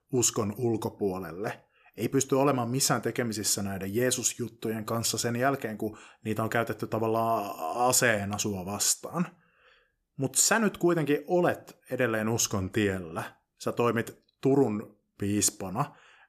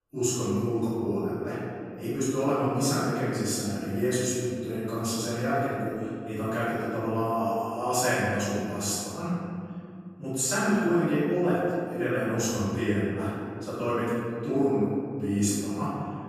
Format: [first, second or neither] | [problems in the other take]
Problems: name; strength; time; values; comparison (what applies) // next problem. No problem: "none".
first | off-mic speech; far // room echo; strong; dies away in 2.6 s